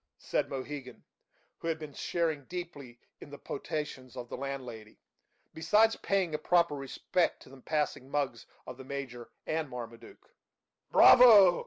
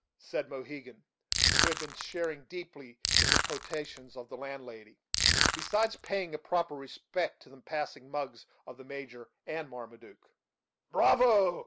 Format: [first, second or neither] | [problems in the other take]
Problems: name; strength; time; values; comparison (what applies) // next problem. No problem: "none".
first | background sound (Crushing); 5 dB above the speech